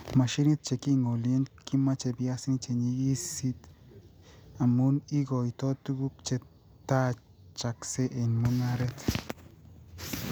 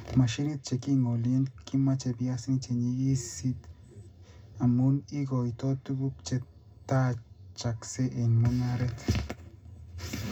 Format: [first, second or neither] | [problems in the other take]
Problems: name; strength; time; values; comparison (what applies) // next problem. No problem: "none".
first | room echo; dies away in 0.2 s